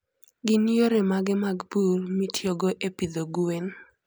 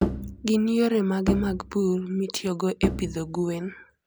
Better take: first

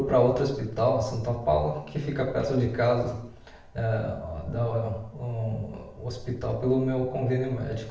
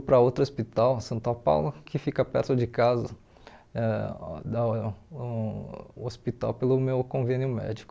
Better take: second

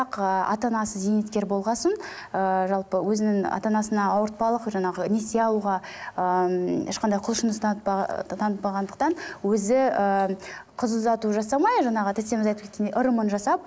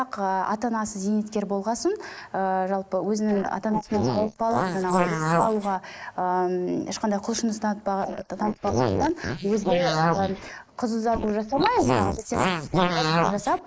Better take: first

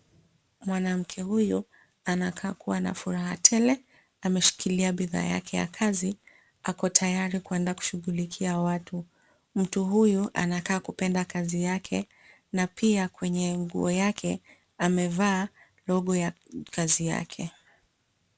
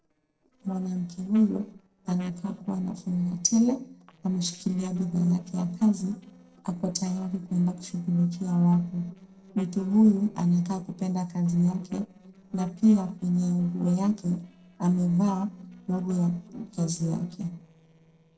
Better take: first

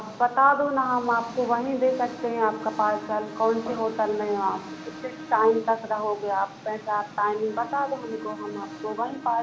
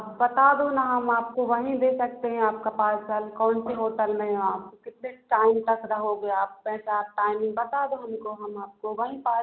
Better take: second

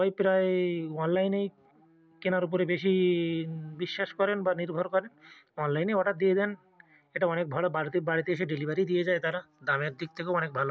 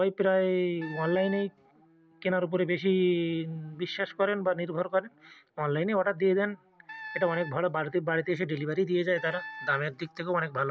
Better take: first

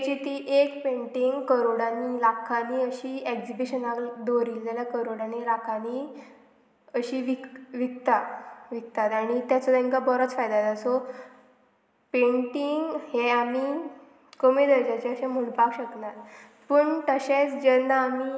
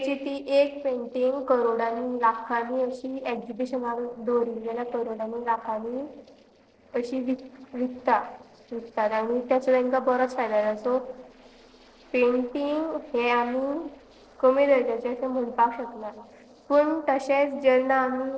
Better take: first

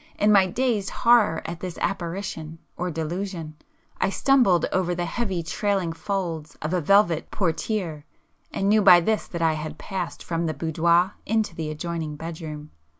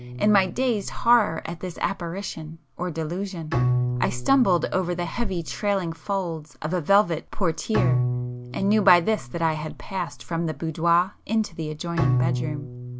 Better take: first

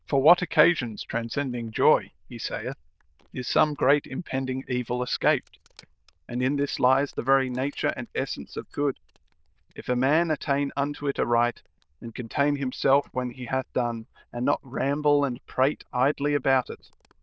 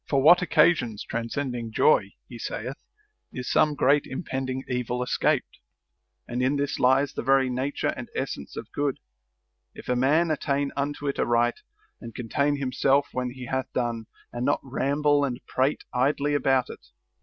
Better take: second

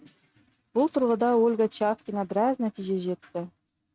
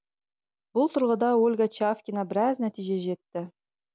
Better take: second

